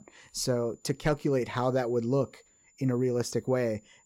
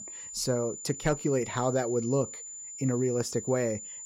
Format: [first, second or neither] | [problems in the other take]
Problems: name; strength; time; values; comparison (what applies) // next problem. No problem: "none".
first | high-pitched whine; loud; throughout; 7 kHz, 9 dB below the speech; faint in the first